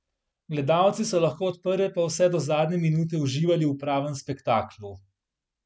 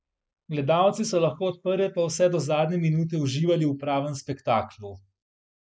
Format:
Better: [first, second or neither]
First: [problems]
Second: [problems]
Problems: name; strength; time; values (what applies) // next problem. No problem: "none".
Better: first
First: none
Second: noise reduction (neural mask model Resemble Enhance denoiser)